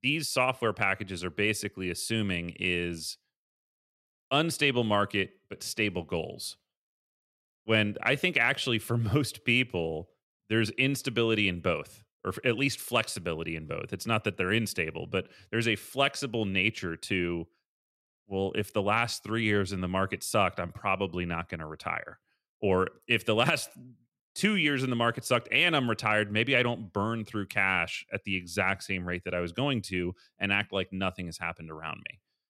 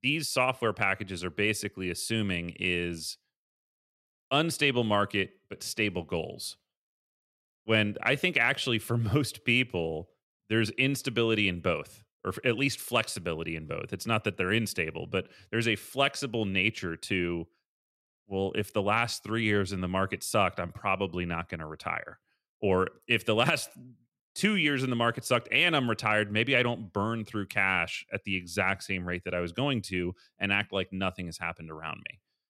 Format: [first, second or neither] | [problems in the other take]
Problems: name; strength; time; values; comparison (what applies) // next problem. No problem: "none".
neither | none